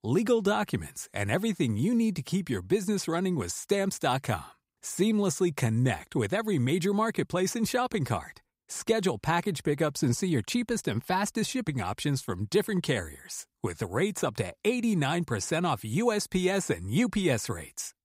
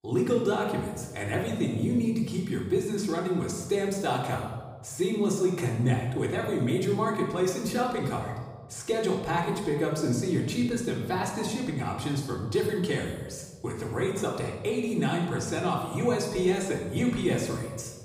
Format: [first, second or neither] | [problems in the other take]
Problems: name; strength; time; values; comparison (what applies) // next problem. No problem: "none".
first | off-mic speech; far // room echo; noticeable; dies away in 1.1 s